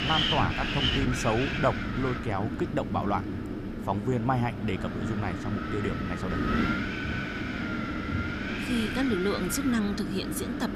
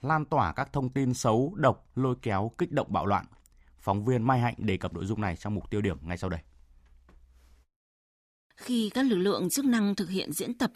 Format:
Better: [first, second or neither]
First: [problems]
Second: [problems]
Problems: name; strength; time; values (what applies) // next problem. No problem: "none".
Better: second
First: wind noise on the microphone; heavy; 1 dB below the speech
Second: none